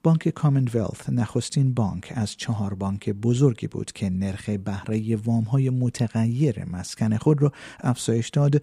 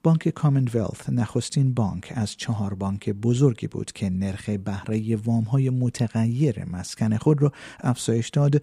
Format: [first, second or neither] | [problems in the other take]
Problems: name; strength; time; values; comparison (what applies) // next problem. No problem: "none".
neither | none